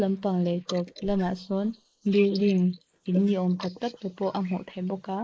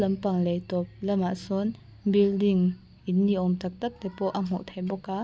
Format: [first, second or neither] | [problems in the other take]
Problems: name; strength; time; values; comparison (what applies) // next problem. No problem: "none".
second | noise reduction (neural mask model Resemble Enhance denoiser)